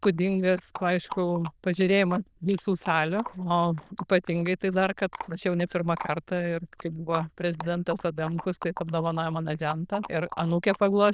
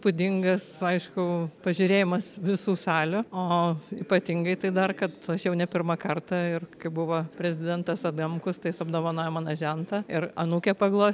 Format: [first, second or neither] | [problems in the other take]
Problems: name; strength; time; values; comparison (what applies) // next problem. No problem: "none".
second | noise reduction (neural diffusion model UNIVERSE++)